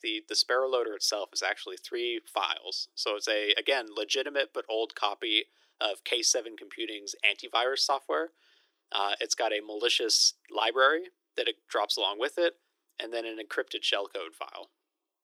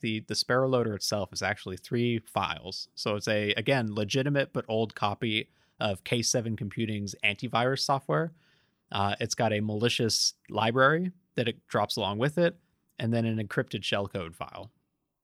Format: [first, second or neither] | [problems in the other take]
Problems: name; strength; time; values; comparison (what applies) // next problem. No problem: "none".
second | thin; very; fading below 300 Hz